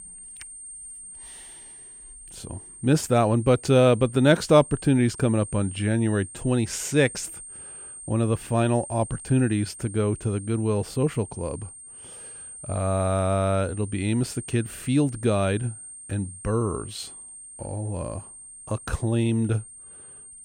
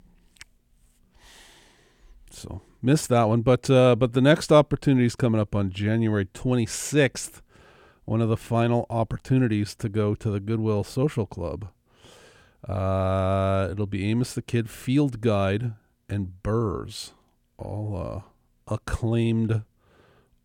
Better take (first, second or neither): second